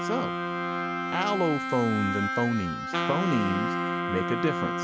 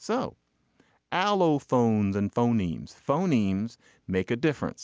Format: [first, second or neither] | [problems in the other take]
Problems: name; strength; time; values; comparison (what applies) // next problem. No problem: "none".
second | background sound (Bowed string instrument + Wind instrument, woodwind instrument); as loud as the speech